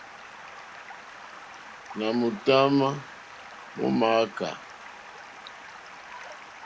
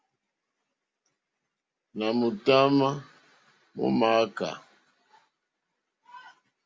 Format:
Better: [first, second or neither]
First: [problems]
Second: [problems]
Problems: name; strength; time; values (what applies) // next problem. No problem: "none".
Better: second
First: background sound (Stream); 15 dB below the speech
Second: none